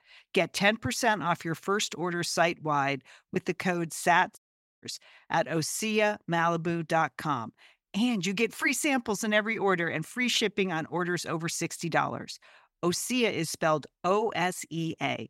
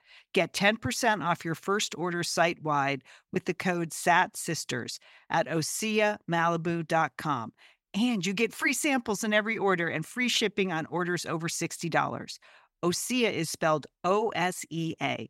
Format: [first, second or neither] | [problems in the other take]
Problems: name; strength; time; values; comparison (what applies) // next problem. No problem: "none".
second | audio cutting out; at 4.5 s